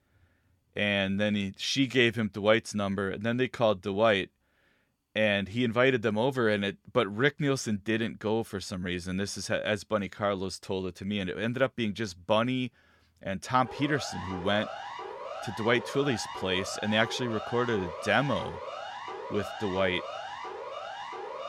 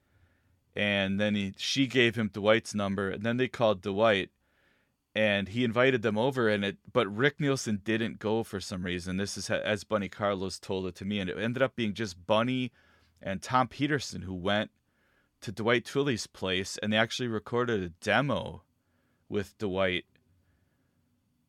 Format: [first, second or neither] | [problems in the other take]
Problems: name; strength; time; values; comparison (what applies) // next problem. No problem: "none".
second | siren; noticeable; from 14 s on; peak 9 dB below the speech